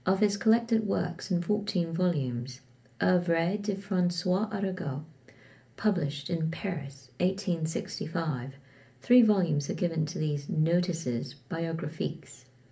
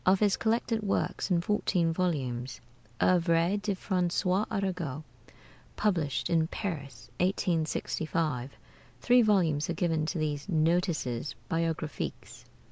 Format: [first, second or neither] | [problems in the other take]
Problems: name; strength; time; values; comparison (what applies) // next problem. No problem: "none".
second | room echo; dies away in 0.3 s